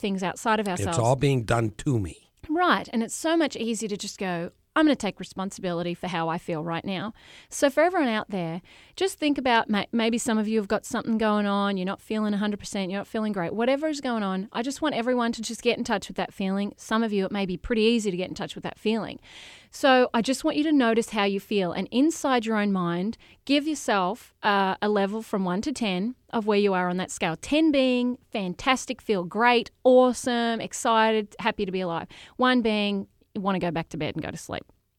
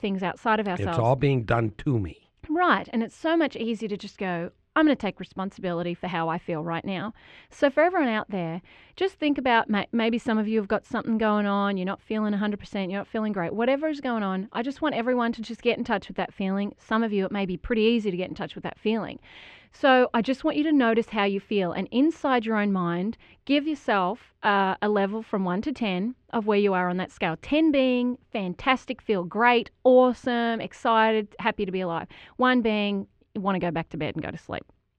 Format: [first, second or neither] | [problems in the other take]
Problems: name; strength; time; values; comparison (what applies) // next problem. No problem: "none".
first | muffled; slightly; fading above 2.5 kHz